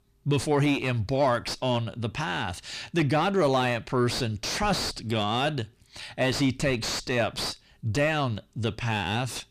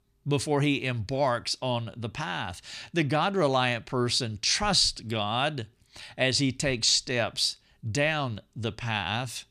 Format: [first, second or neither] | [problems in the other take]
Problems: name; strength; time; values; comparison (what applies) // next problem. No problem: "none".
second | distortion; heavy; 5 dB below the speech